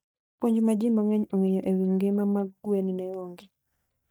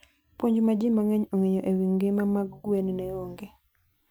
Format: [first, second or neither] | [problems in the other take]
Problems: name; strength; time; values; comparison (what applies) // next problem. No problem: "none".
second | noise reduction (neural mask model DeepFilterNet 3)